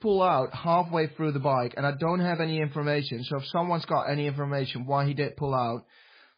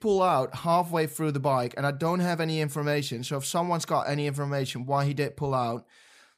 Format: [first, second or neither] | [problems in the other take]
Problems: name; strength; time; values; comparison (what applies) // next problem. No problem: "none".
second | garbled, watery; badly; nothing above 4.5 kHz